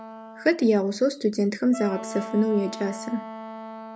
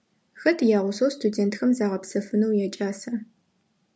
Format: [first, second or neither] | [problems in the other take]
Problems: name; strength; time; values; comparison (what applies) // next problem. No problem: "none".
second | background sound (Wind instrument, woodwind instrument); 13 dB below the speech